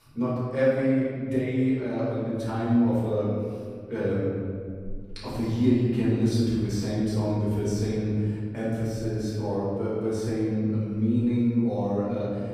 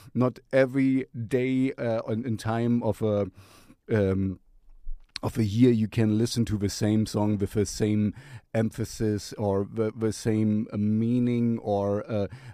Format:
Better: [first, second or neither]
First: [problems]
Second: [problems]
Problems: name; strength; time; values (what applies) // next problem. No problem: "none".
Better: second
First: room echo; strong; dies away in 1.9 s // off-mic speech; far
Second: none